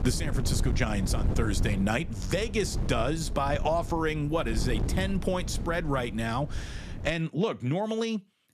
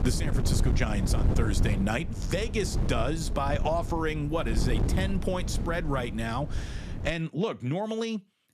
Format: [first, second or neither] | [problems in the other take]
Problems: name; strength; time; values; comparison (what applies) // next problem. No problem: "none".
first | wind noise on the microphone; heavy; until 7 s; 9 dB below the speech; occasional gusts in the first